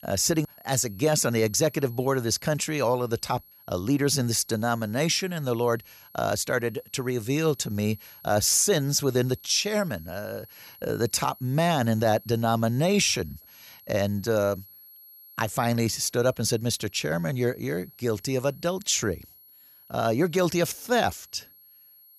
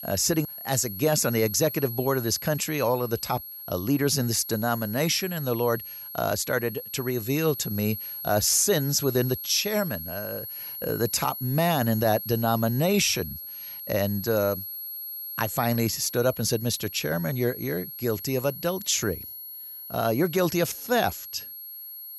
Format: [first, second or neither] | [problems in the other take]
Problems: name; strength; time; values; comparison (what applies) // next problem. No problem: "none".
first | high-pitched whine; loud; throughout; 11.5 kHz, 9 dB below the speech; faint in the first